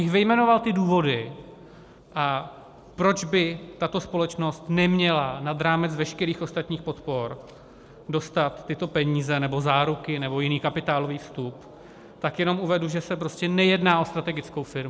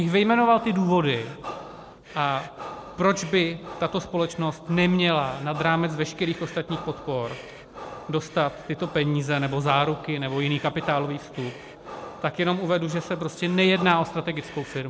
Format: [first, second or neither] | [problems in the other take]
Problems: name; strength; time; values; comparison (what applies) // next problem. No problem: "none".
first | background sound (Breathing); 16 dB below the speech